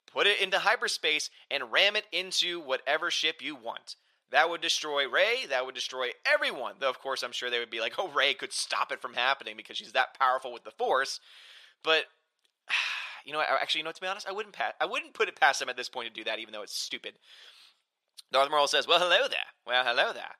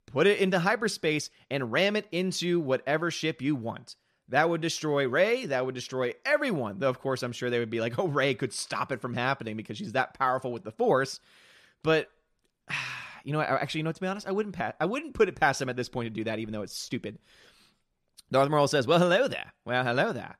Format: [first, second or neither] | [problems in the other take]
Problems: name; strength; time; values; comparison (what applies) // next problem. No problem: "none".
second | thin; very; fading below 750 Hz